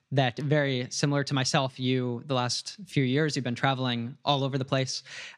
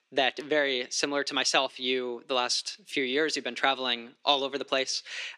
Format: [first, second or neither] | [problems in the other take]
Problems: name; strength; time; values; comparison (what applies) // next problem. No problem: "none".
first | thin; somewhat; fading below 350 Hz